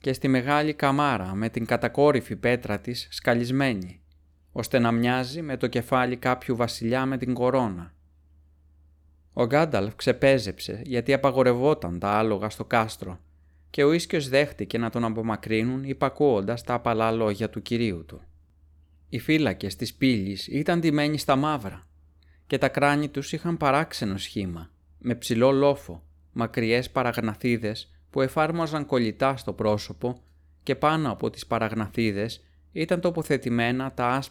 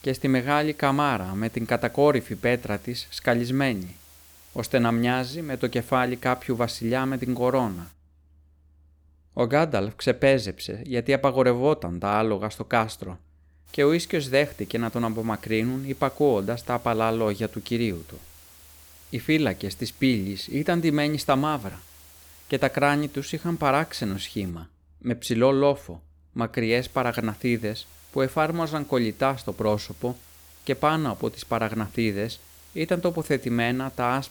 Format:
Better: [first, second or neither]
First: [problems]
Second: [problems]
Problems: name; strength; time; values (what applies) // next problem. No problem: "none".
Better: first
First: none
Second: hiss; faint; until 8 s, from 14 to 25 s and from 27 s on; 25 dB below the speech